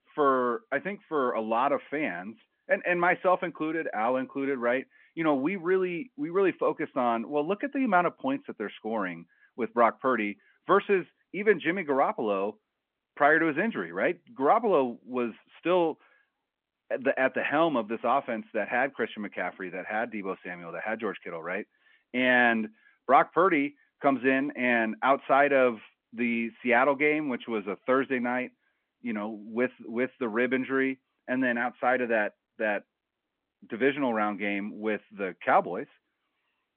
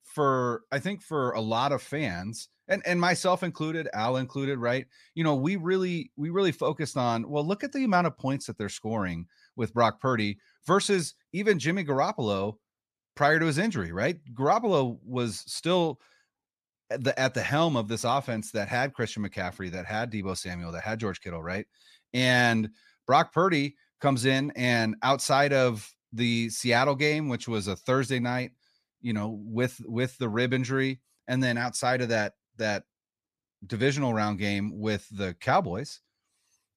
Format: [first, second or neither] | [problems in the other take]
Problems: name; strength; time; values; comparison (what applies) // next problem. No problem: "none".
second | phone-call audio